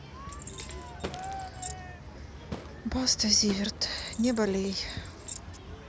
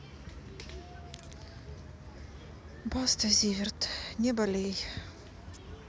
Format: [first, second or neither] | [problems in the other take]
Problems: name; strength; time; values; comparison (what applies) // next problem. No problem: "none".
second | background sound (Crowd / Fireworks + Keys jangling); 12 dB below the speech